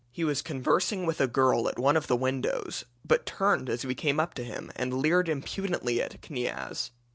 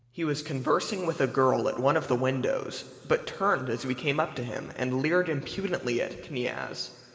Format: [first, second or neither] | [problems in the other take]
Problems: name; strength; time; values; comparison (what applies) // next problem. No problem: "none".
first | room echo; dies away in 2.5 s